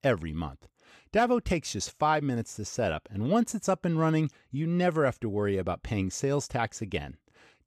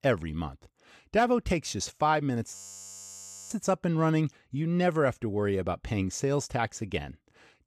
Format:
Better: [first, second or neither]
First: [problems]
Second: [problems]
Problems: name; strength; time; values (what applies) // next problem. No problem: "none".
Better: first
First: none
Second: audio freezing; at 2.5 s for 1 s